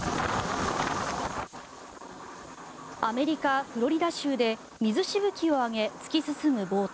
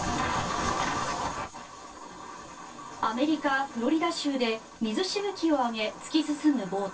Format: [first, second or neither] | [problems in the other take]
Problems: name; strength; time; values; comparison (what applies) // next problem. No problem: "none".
first | room echo; dies away in 0.1 s